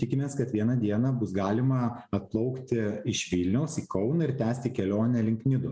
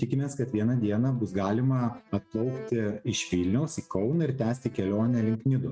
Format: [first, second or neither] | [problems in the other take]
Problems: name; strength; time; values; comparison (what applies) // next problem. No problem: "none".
first | noise reduction (neural mask model RNNoise)